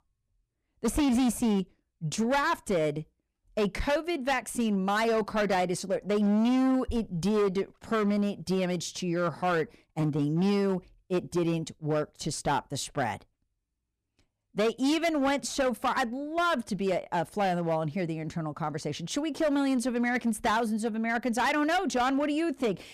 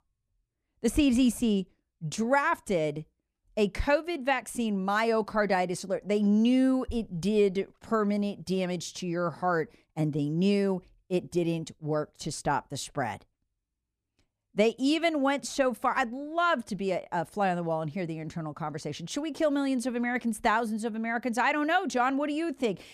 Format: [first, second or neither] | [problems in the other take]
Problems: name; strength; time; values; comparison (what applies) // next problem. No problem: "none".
second | distortion; slight; 11% of the sound clipped